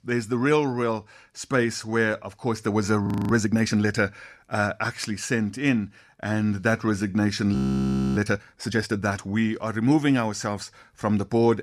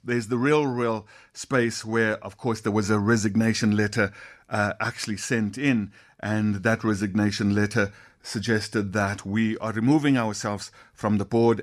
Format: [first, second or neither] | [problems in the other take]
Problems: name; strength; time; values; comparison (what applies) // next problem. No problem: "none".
second | audio freezing; at 3 s and at 7.5 s for 0.5 s